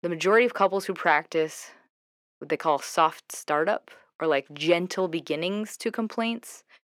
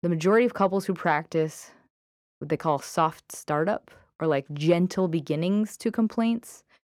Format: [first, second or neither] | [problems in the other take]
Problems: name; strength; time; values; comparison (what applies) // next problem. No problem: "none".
second | thin; somewhat; fading below 350 Hz